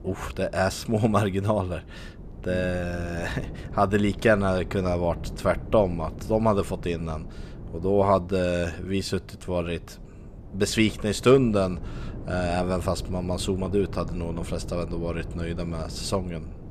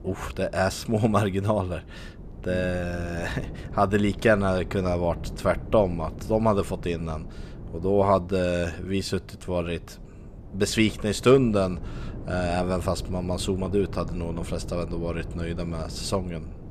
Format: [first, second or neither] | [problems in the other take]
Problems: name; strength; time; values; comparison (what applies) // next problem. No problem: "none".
neither | wind noise on the microphone; occasional gusts; 20 dB below the speech; the same in both